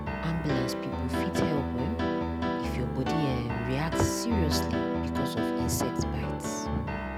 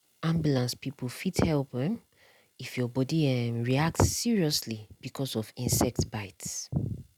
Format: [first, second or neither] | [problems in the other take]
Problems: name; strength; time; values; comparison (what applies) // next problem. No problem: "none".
second | background sound (Piano); 3 dB above the speech